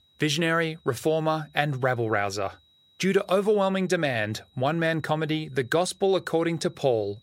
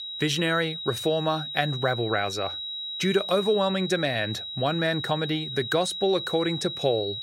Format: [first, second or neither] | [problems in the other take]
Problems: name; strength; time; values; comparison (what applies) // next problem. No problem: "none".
first | high-pitched whine; loud; throughout; 4 kHz, 6 dB below the speech; faint in the first